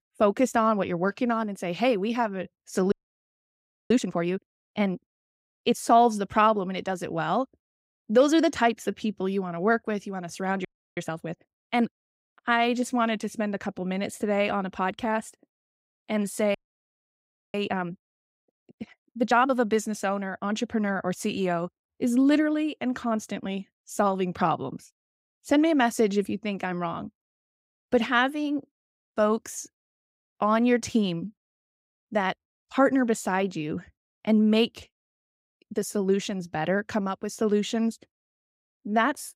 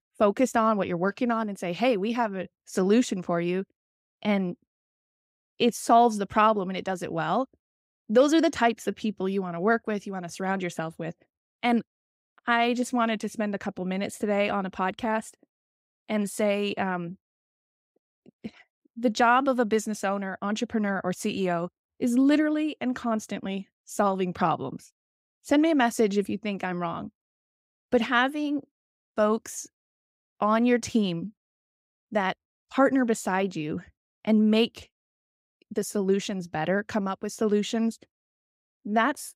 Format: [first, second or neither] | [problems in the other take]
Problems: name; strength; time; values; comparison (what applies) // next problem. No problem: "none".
second | audio freezing; at 3 s for 1 s, at 11 s and at 17 s for 1 s